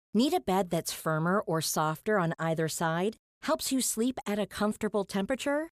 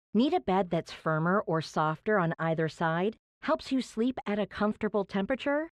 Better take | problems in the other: first | muffled; slightly; fading above 2.5 kHz

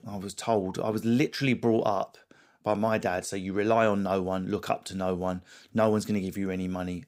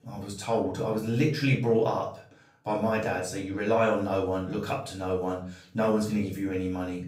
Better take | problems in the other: first | off-mic speech; far // room echo; slight; dies away in 0.4 s

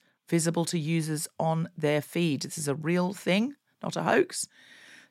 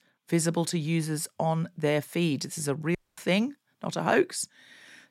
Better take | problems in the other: first | audio cutting out; at 3 s

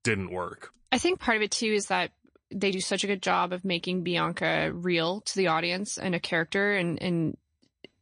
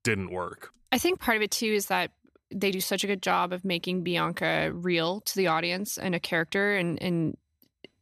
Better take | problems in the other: second | garbled, watery; slightly; nothing above 9.5 kHz

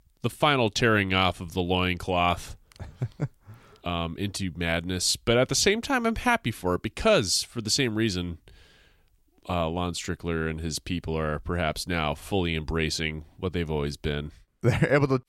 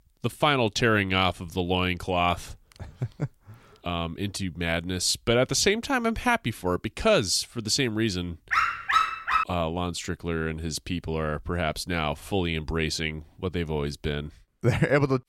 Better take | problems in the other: first | dog barking; loud; at 8.5 s; peak 3 dB above the speech

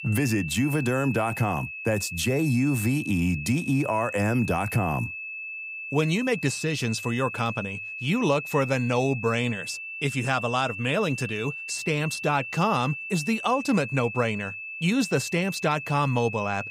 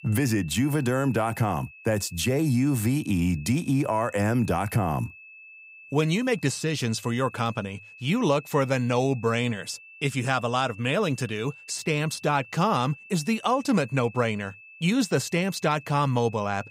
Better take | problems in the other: second | high-pitched whine; loud; throughout; 2.5 kHz, 8 dB below the speech; faint in the second

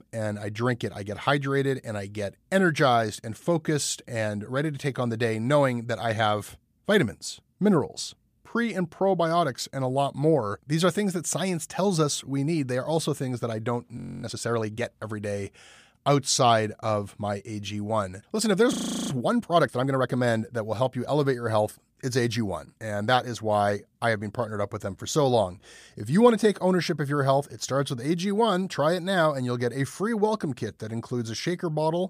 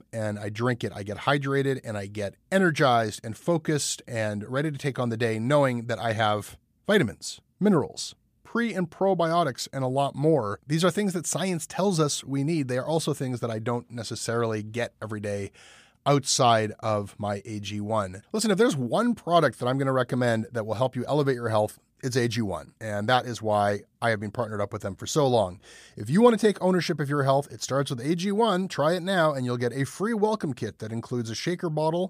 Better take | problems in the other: second | audio freezing; at 14 s and at 19 s

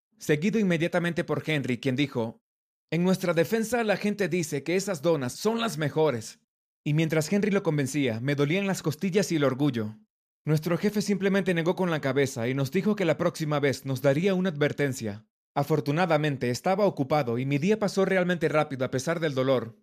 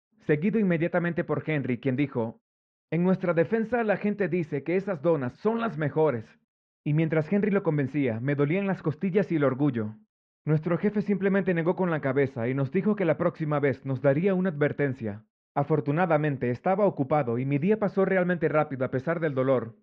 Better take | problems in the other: first | muffled; very; fading above 2 kHz

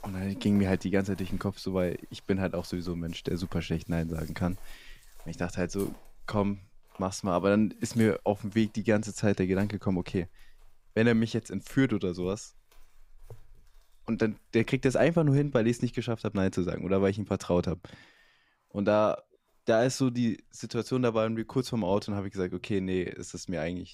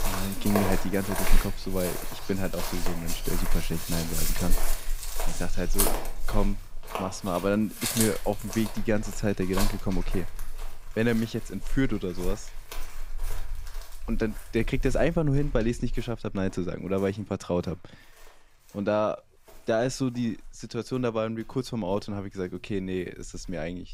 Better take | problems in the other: first | animal sounds; loud; throughout; 4 dB below the speech; faint in the first

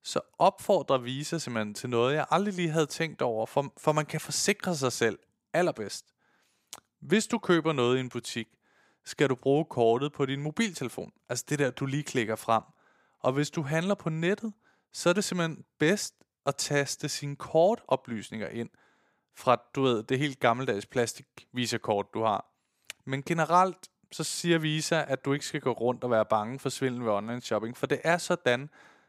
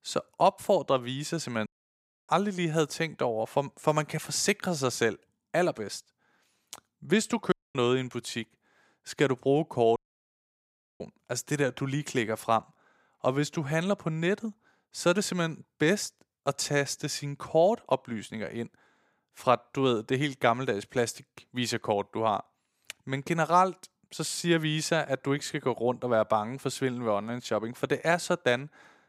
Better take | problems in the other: first | audio cutting out; at 1.5 s for 0.5 s, at 7.5 s and at 10 s for 1 s

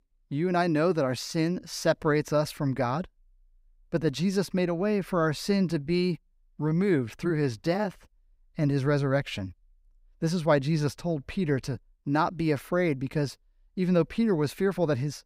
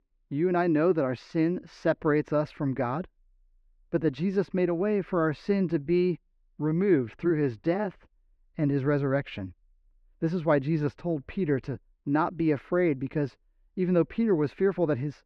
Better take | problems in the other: first | muffled; slightly; fading above 2 kHz

